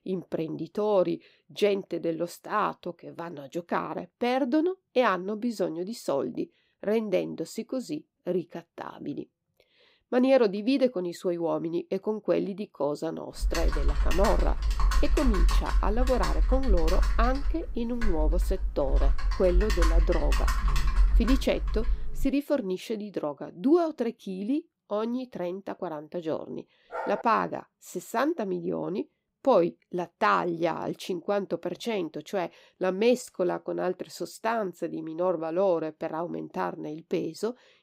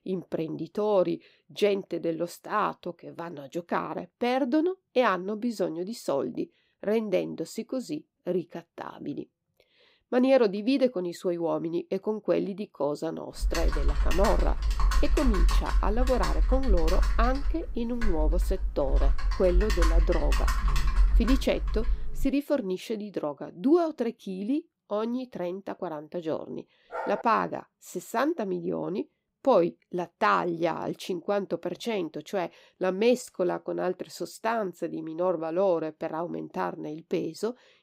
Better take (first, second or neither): neither